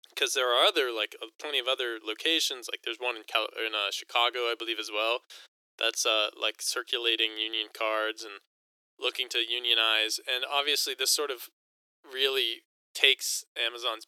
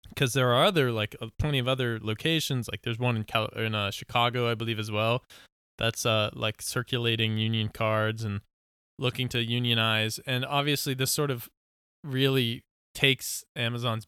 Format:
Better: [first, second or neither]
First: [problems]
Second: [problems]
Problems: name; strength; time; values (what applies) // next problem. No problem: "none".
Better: second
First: thin; very; fading below 350 Hz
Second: none